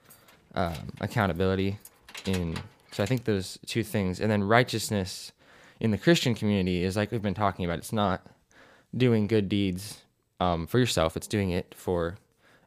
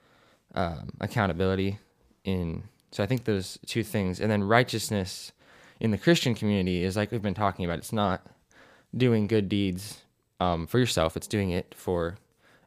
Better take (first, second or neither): second